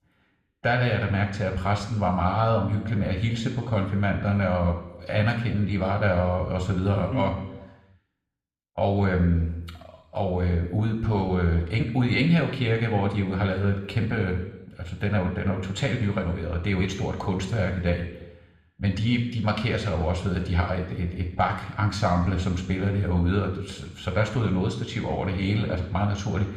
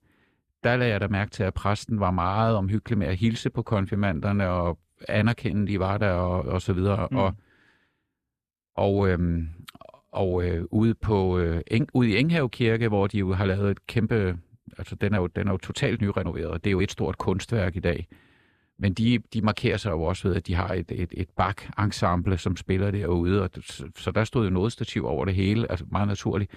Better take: second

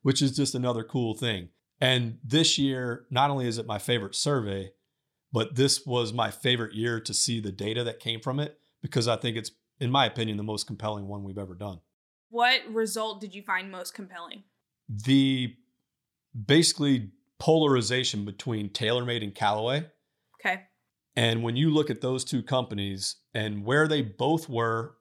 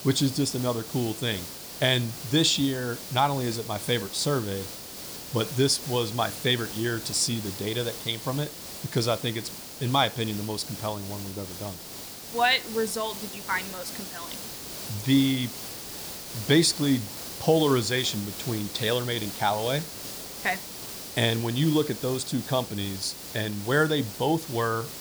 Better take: first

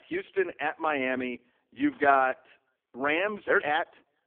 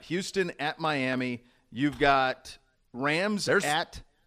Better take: second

